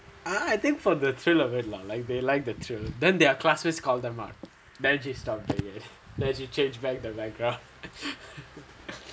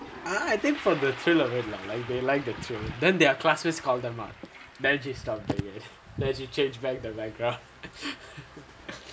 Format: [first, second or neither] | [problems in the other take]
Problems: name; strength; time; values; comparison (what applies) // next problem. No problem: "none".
first | background sound (Toilet flush); 16 dB below the speech